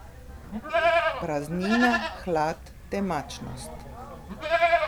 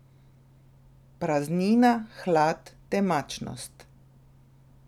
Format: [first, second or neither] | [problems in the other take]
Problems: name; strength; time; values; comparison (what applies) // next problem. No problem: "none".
second | background sound (Livestock, farm animals, working animals); 2 dB above the speech